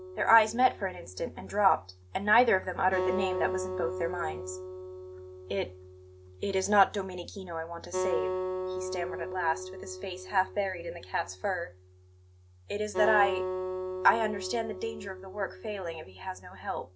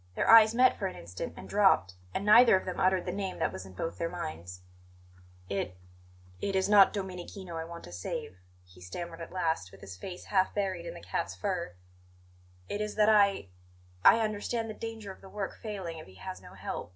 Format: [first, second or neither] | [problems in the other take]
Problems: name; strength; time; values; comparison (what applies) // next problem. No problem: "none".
second | background sound (Acoustic guitar); 7 dB below the speech